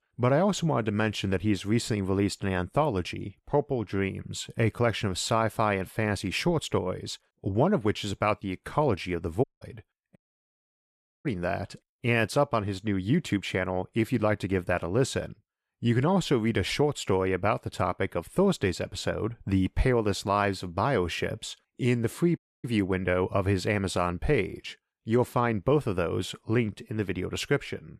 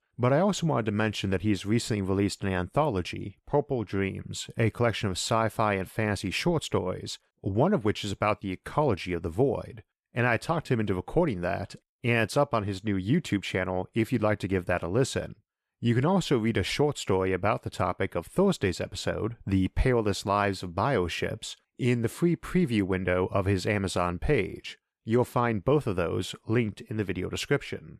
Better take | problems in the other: second | audio cutting out; at 9.5 s, at 10 s for 1 s and at 22 s

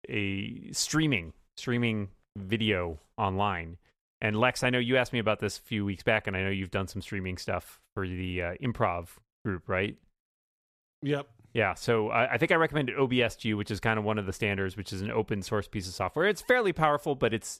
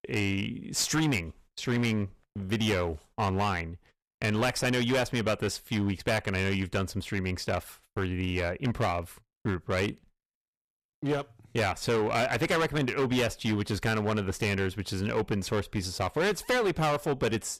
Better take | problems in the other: first | distortion; heavy; 12% of the sound clipped

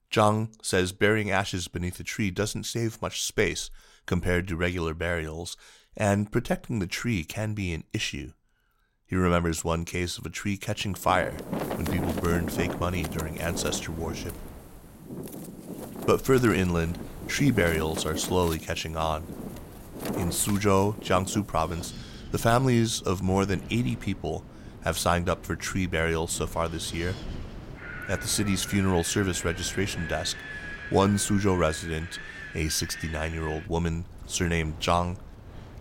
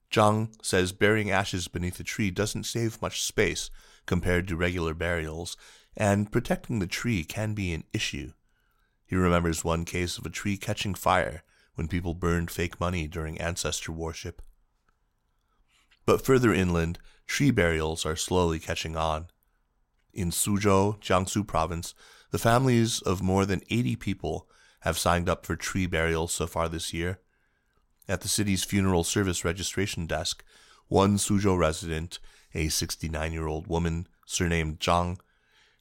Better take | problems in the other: second | wind in the background; noticeable; from 11 s on; 10 dB below the speech

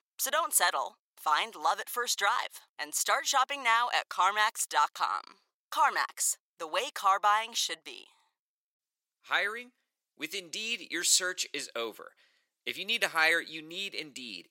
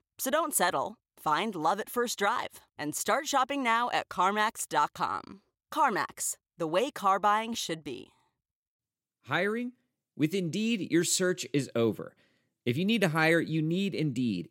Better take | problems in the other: second | thin; very; fading below 850 Hz

